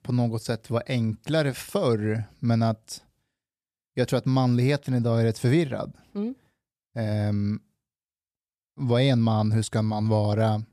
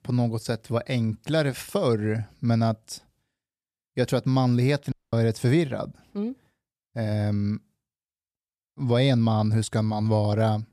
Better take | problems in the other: first | audio cutting out; at 5 s

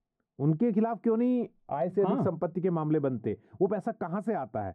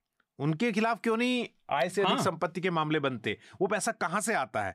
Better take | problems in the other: second | muffled; very; fading above 1.5 kHz

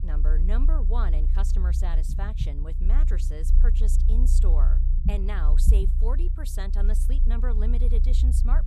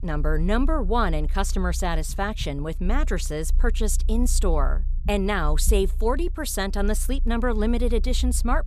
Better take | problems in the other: second | low rumble; loud; throughout; 6 dB below the speech; faint in the second

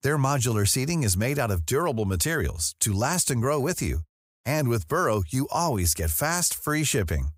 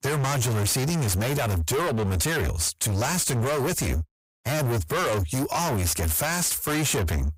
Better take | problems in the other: first | distortion; heavy; 42% of the sound clipped

